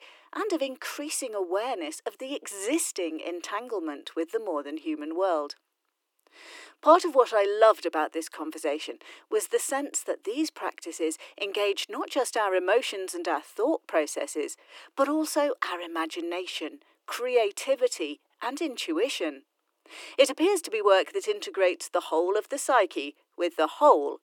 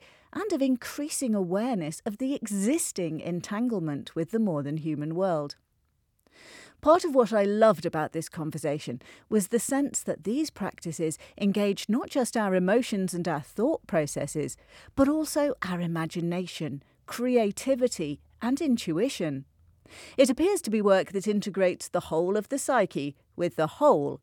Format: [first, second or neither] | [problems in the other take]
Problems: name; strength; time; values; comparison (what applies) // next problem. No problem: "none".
second | thin; very; fading below 300 Hz